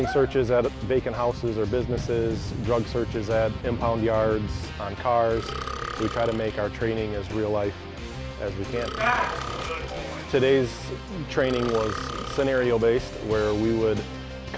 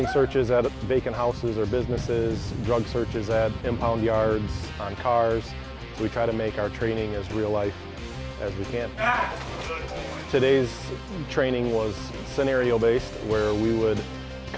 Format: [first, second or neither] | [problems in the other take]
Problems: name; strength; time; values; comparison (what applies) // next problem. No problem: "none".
second | background sound (Burping, eructation); 11 dB below the speech